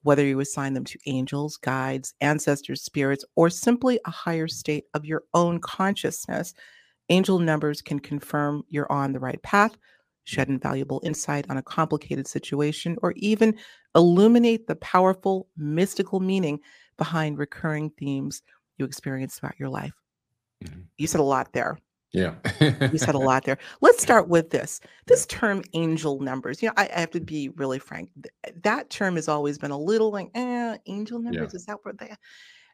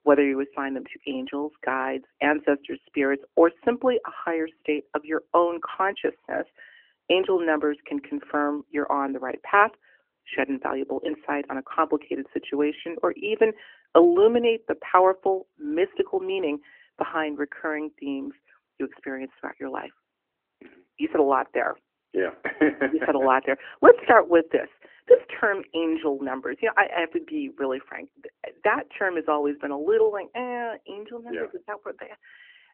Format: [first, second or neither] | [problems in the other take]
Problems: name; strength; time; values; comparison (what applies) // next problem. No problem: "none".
first | phone-call audio; nothing above 3 kHz